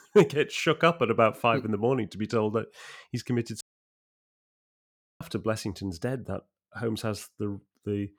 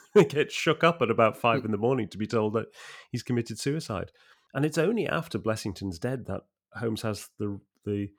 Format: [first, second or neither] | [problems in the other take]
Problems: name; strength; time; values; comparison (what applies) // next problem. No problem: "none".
second | audio cutting out; at 3.5 s for 1.5 s